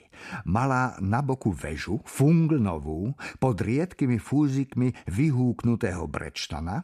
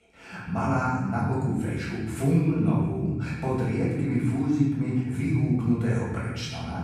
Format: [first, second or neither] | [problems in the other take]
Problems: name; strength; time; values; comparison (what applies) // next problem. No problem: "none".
first | room echo; noticeable; dies away in 1.3 s // off-mic speech; far